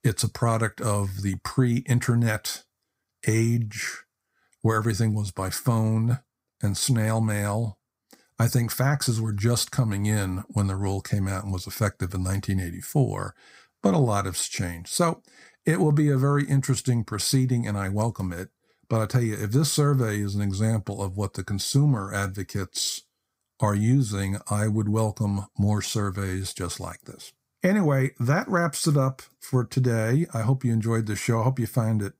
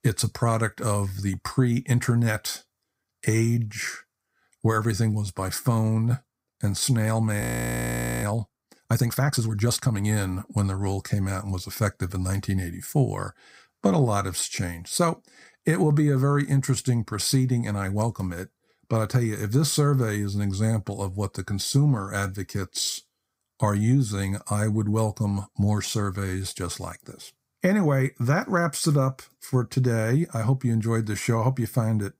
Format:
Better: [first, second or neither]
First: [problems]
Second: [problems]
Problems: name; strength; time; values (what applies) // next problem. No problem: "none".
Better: first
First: none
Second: audio freezing; at 7.5 s for 1 s